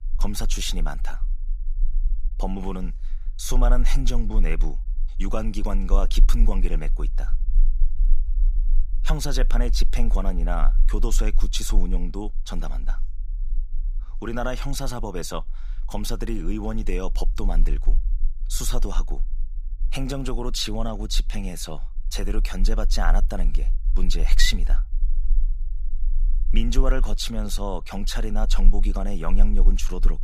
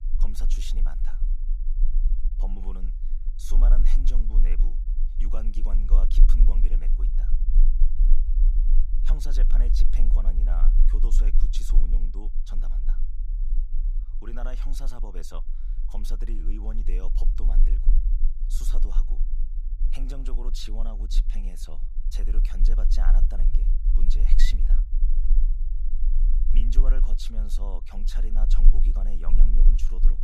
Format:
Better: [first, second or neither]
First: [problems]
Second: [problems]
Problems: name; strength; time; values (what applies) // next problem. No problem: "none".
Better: first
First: low rumble; faint; throughout; 25 dB below the speech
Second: low rumble; loud; throughout; 8 dB below the speech